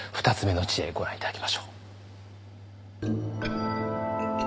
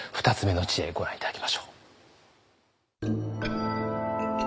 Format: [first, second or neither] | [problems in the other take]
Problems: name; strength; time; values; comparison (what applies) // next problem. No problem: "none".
second | background sound (Mechanical fan); 16 dB below the speech